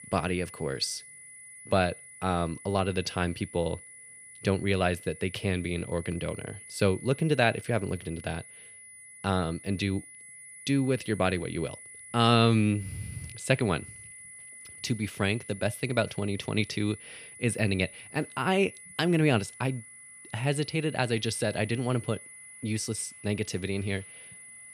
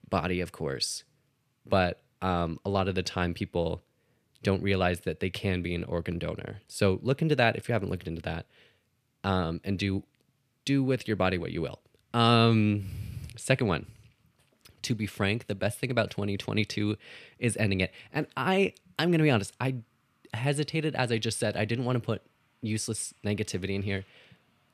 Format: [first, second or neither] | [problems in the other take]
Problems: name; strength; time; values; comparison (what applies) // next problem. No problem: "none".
second | high-pitched whine; noticeable; throughout; 2 kHz, 15 dB below the speech